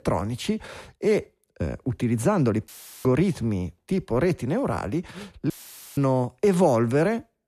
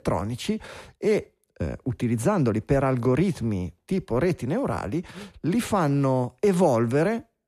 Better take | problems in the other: second | audio cutting out; filled with static; at 2.5 s and at 5.5 s

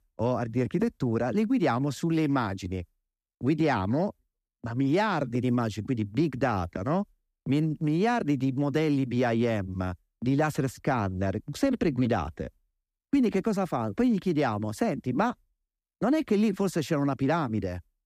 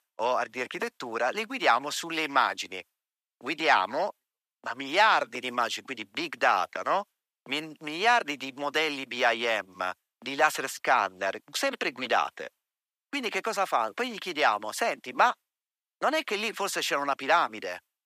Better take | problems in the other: first | thin; very; fading below 950 Hz

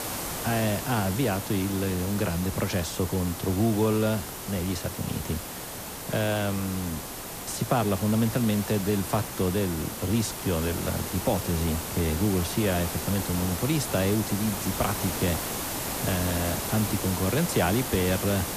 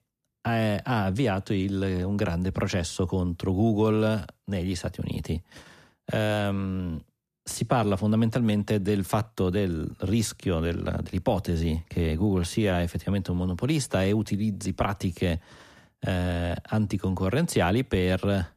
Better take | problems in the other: second | hiss; loud; throughout; 5 dB below the speech

